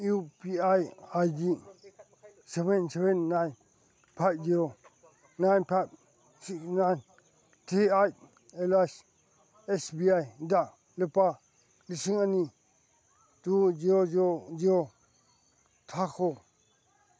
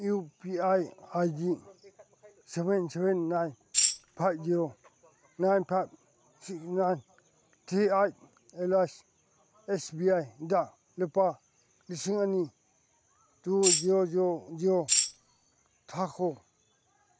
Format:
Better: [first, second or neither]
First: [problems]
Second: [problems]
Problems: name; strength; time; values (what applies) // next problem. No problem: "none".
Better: first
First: none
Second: background sound (Tambourine); 3 dB above the speech